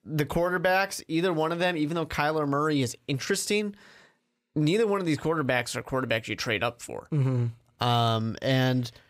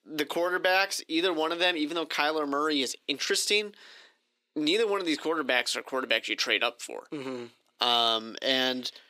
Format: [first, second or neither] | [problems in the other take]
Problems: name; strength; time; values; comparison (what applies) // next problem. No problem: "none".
first | thin; somewhat; fading below 300 Hz